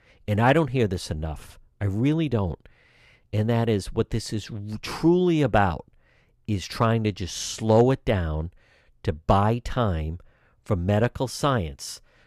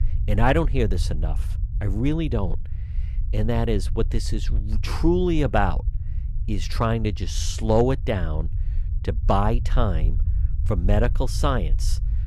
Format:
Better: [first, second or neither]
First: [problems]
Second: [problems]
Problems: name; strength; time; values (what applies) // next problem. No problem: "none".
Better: first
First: none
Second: low rumble; faint; throughout; 20 dB below the speech